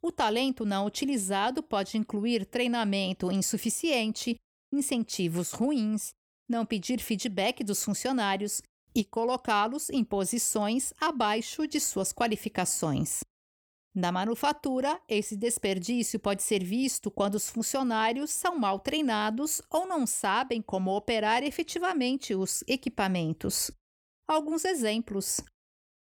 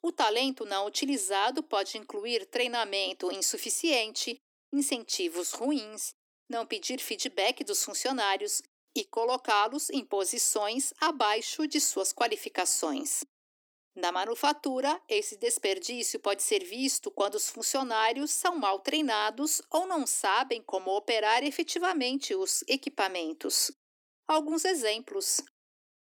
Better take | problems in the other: first | thin; very slightly; fading below 250 Hz

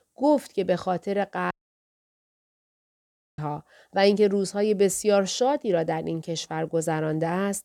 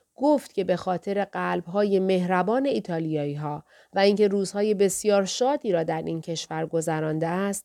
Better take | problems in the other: second | audio cutting out; at 1.5 s for 2 s

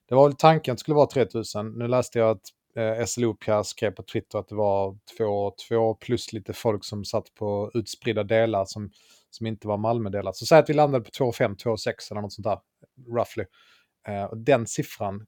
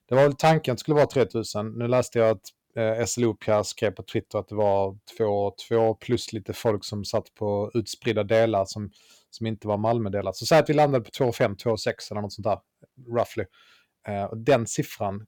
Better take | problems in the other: first | distortion; slight; 1.5% of the sound clipped

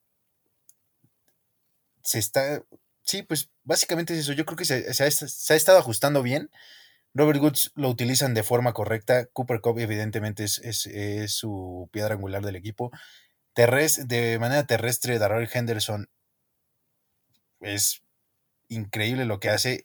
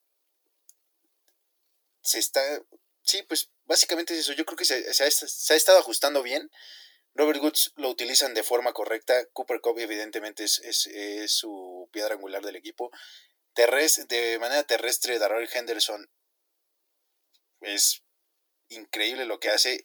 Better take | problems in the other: first | thin; somewhat; fading below 300 Hz

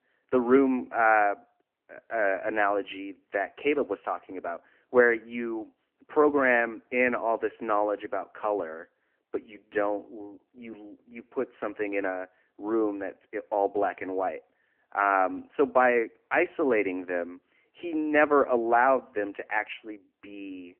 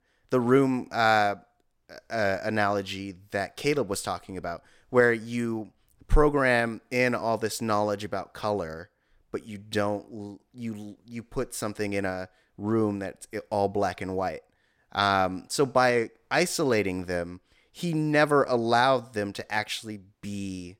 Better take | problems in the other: second | phone-call audio

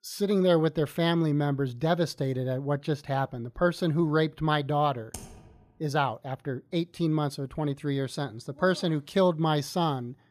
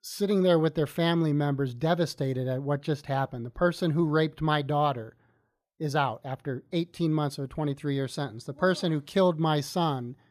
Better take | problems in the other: second | keyboard typing; faint; at 5 s; peak 15 dB below the speech

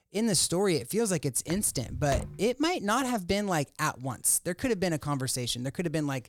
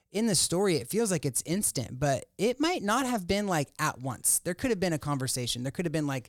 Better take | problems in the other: second | footsteps; noticeable; at 1.5 s; peak 8 dB below the speech

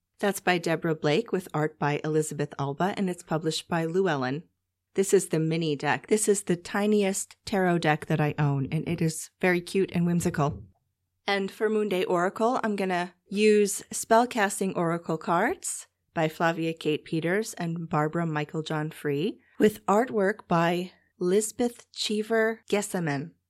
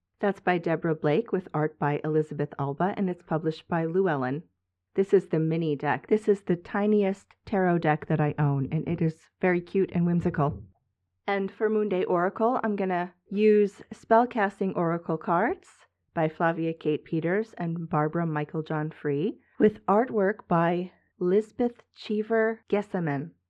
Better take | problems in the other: first | muffled; very; fading above 2 kHz

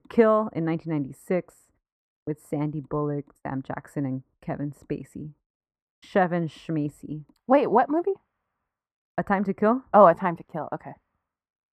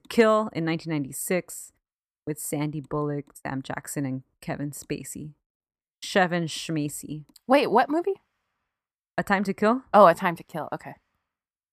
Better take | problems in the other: second | muffled; very; fading above 2.5 kHz

